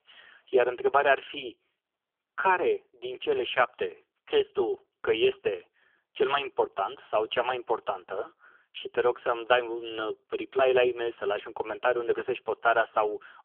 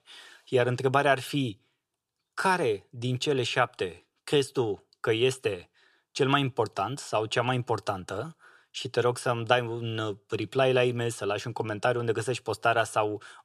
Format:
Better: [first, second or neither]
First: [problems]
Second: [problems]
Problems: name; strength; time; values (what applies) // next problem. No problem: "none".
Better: second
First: phone-call audio; poor line; nothing above 3.5 kHz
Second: none